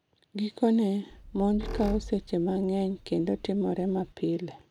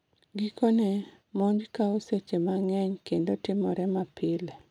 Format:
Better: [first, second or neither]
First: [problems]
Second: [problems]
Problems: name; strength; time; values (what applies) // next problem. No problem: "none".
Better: second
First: background sound (Squeak); 12 dB below the speech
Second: none